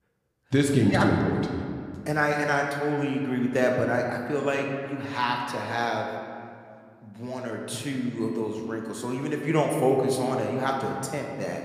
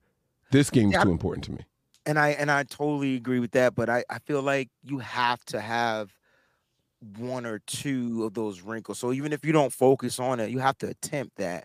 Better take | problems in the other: second | room echo; noticeable; dies away in 1.9 s

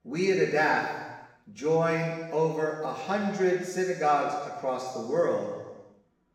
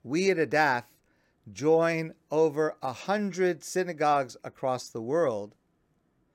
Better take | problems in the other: second | room echo; noticeable; dies away in 1.2 s // off-mic speech; far

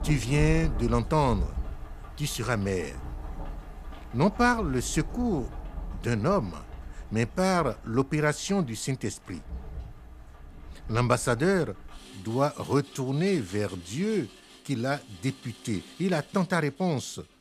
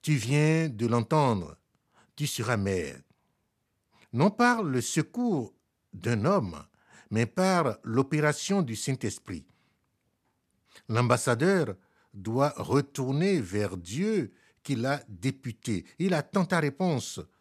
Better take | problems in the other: second | rain or running water; noticeable; throughout; 15 dB below the speech

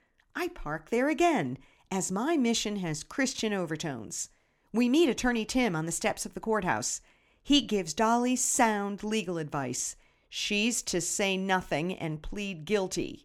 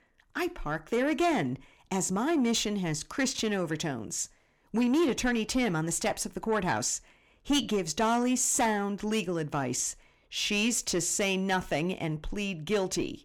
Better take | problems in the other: first | distortion; slight; 10 dB below the speech

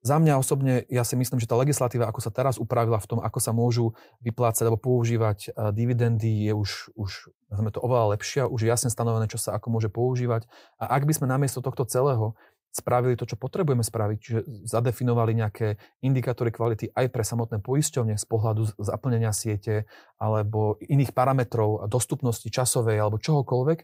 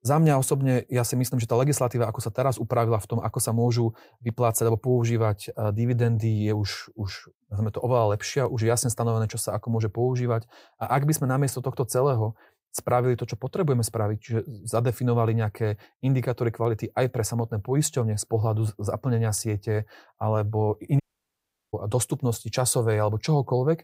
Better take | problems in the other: first | audio cutting out; at 21 s for 0.5 s

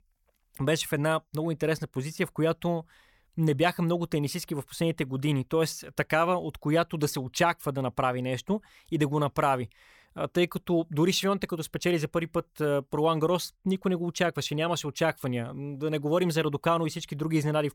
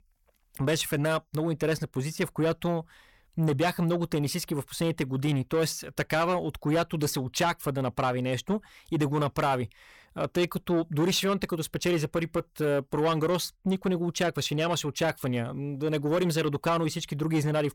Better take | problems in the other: first | distortion; slight; 10 dB below the speech

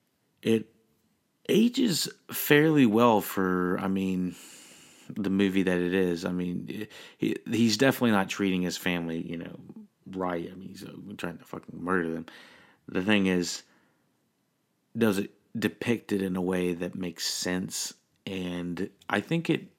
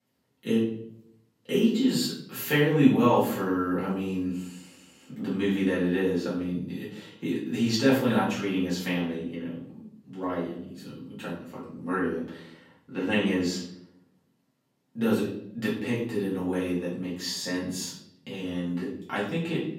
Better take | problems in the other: first | off-mic speech; far // room echo; noticeable; dies away in 0.6 s

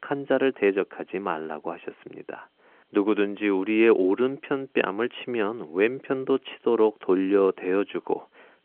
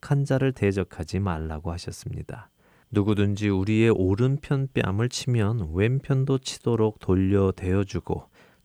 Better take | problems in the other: second | phone-call audio

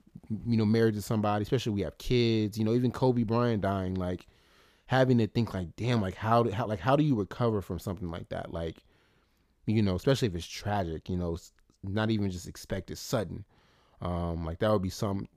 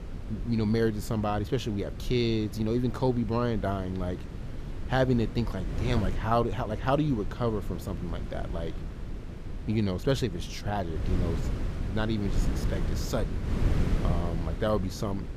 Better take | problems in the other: first | wind noise on the microphone; occasional gusts; 10 dB below the speech

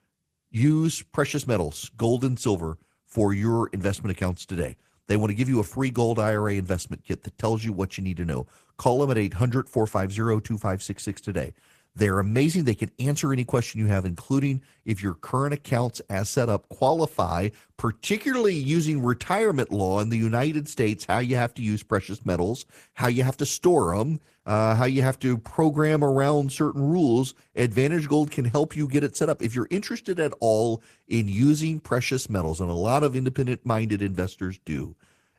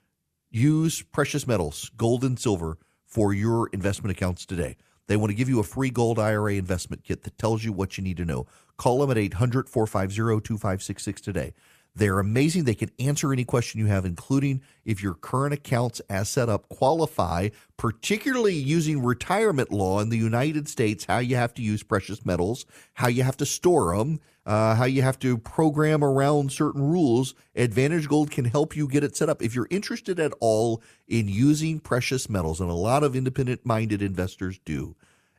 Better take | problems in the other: second | garbled, watery; slightly; nothing above 14.5 kHz

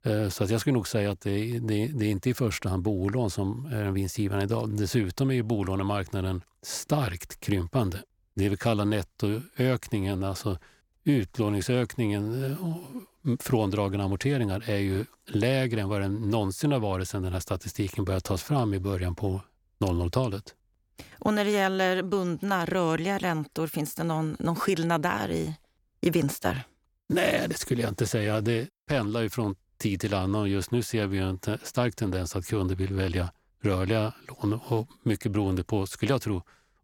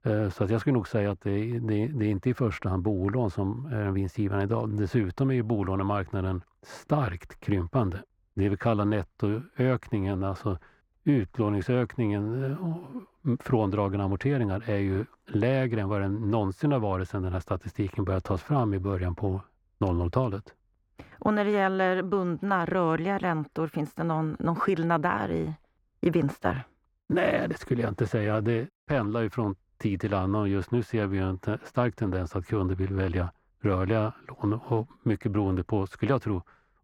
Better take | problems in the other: first | muffled; very; fading above 3.5 kHz

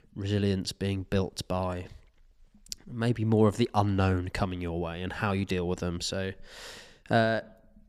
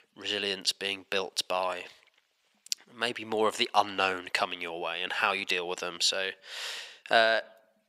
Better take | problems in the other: first | thin; very; fading below 650 Hz

